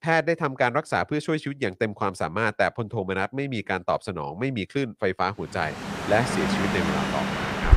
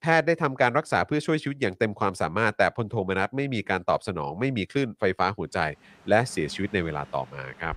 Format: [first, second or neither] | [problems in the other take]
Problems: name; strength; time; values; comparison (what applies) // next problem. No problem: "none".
second | train or aircraft noise; loud; from 6 s on; 1 dB below the speech; faint in the second